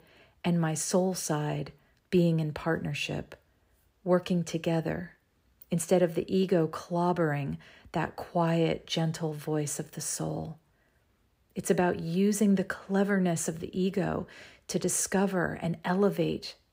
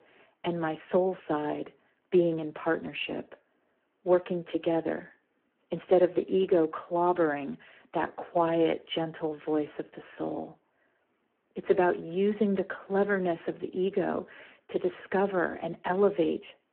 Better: first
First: none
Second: phone-call audio; poor line

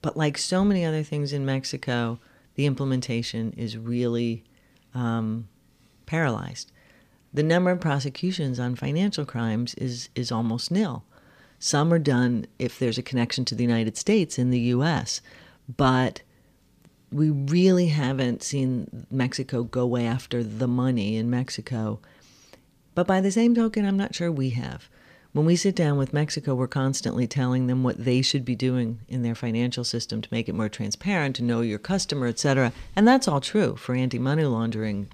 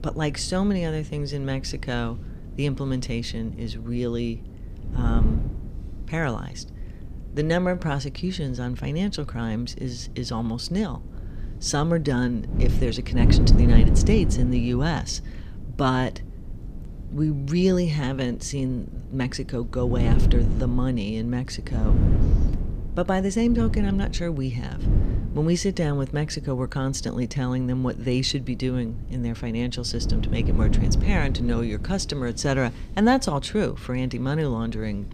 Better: first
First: none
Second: wind noise on the microphone; heavy; 10 dB below the speech

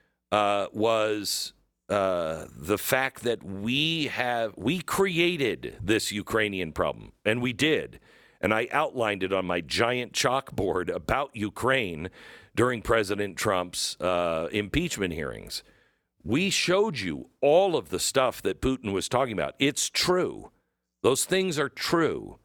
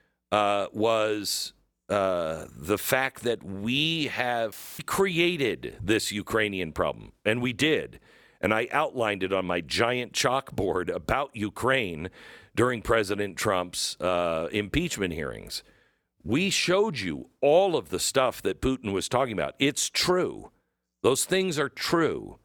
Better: first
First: none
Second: audio cutting out; filled with static; at 4.5 s

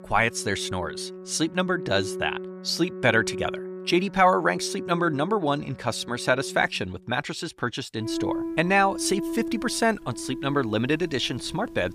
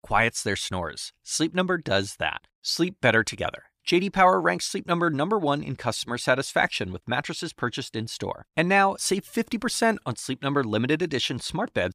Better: second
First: background music; noticeable; throughout; 10 dB below the speech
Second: none

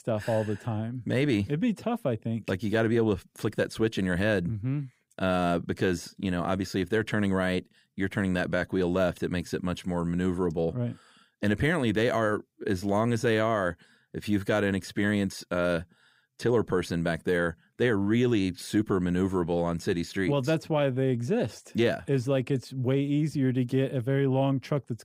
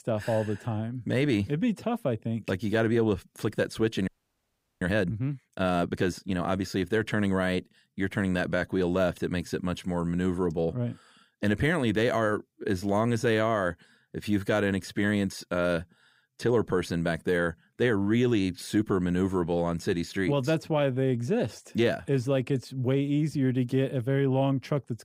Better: first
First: none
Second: audio freezing; at 4 s for 0.5 s

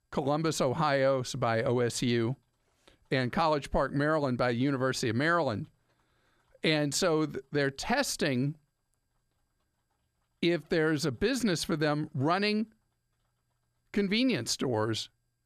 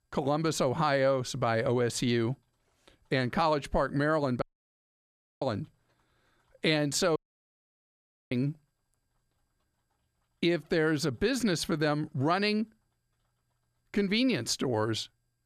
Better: first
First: none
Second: audio cutting out; at 4.5 s for 1 s and at 7 s for 1 s

